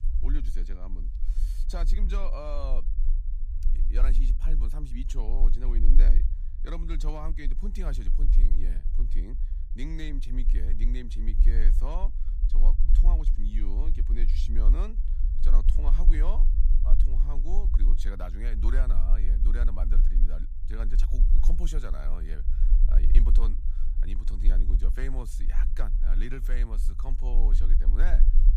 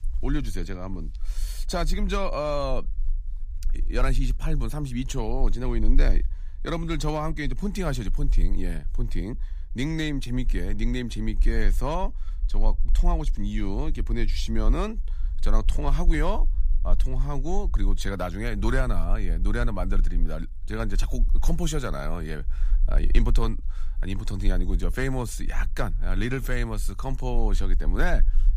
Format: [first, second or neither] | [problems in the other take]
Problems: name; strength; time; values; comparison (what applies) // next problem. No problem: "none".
second | low rumble; loud; throughout; 9 dB below the speech; faint in the second